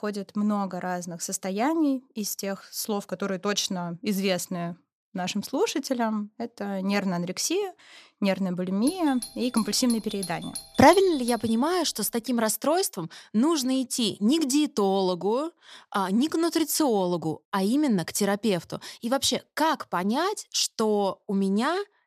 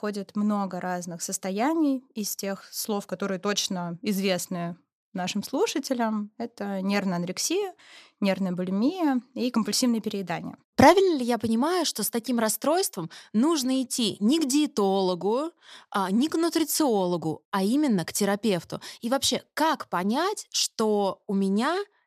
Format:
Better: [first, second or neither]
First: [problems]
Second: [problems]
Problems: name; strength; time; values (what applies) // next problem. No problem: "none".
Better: second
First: doorbell; noticeable; from 9 to 12 s; peak 10 dB below the speech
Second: none